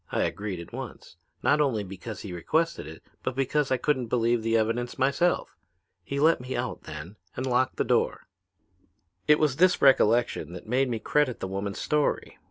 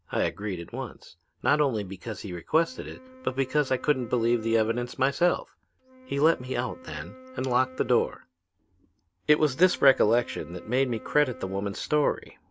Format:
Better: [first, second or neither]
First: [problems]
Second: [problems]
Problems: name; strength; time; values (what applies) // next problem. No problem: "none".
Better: first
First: none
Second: background sound (Wind instrument, woodwind instrument); 20 dB below the speech